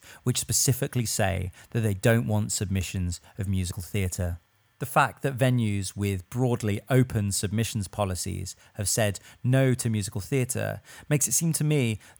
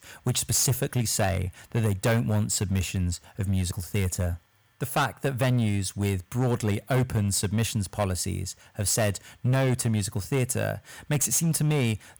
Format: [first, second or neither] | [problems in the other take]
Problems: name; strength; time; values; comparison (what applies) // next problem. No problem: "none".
first | distortion; slight; 8% of the sound clipped